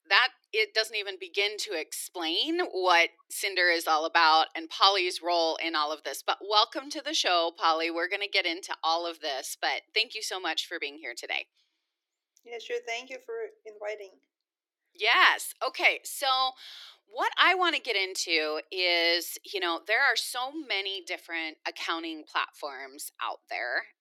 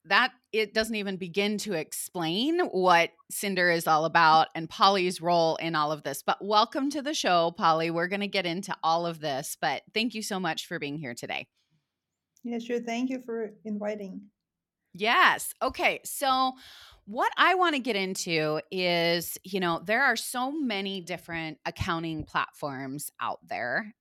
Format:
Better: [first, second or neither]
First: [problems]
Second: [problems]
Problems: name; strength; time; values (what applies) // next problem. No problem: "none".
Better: second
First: thin; very; fading below 300 Hz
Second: none